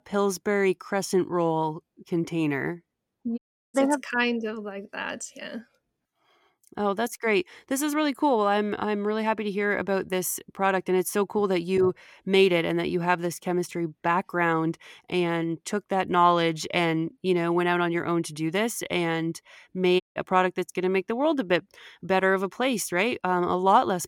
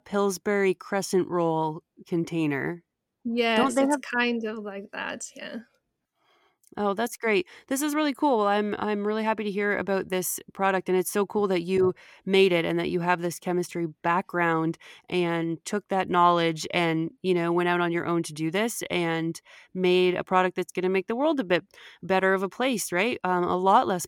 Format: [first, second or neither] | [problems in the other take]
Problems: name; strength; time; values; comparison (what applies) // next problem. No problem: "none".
second | audio cutting out; at 3.5 s and at 20 s